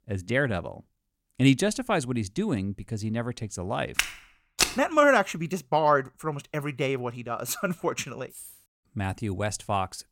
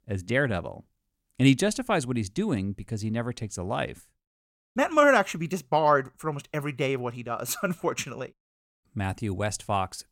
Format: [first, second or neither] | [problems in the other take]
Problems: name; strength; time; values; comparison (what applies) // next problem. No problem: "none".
second | footsteps; loud; at 4 s; peak 2 dB above the speech // jangling keys; faint; at 8.5 s; peak 15 dB below the speech